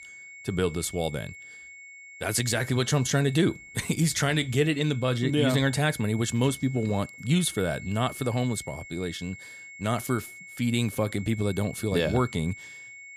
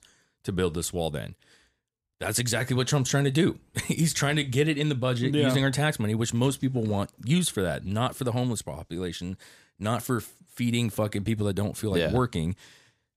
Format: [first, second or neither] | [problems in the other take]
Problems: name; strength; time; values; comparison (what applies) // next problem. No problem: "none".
second | high-pitched whine; noticeable; throughout; 2 kHz, 15 dB below the speech